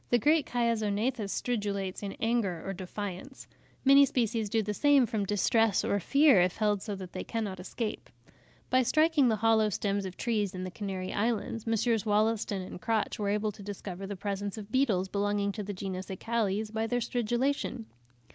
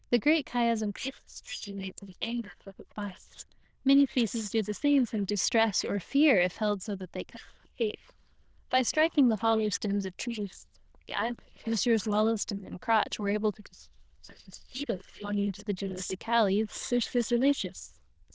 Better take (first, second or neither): first